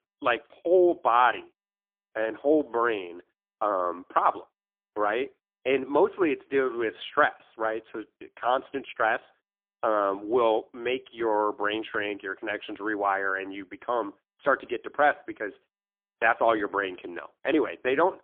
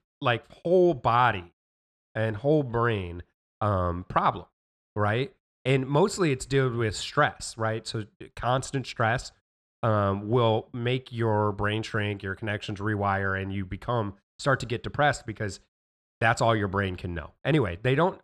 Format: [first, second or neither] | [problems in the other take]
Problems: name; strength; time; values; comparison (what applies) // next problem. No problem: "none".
second | phone-call audio; poor line; nothing above 3.5 kHz